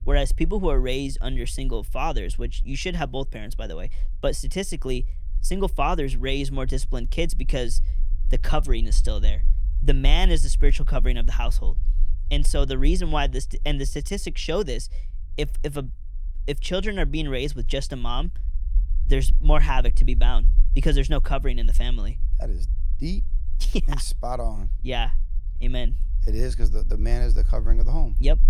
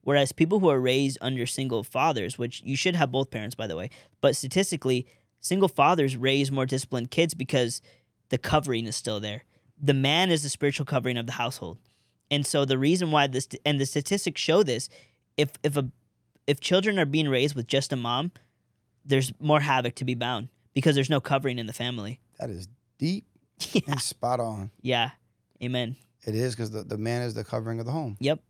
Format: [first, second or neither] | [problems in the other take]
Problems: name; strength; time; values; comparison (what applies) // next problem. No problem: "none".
second | low rumble; faint; throughout; 25 dB below the speech